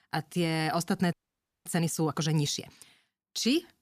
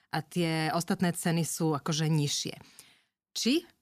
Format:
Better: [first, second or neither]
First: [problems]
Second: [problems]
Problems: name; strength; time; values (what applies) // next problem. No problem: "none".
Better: second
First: audio freezing; at 1 s for 0.5 s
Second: none